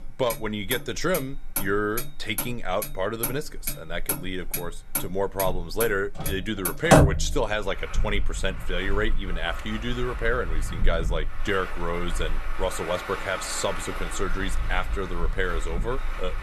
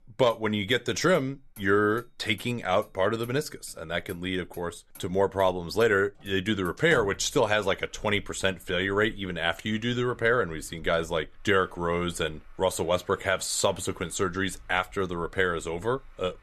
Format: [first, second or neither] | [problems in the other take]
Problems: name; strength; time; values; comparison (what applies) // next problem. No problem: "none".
second | traffic noise; loud; throughout; 1 dB below the speech; faint in the second